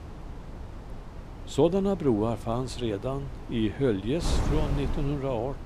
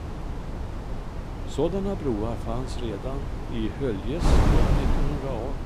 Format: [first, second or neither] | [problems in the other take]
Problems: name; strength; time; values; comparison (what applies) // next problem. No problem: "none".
first | wind noise on the microphone; heavy; 2 dB below the speech; occasional gusts in the first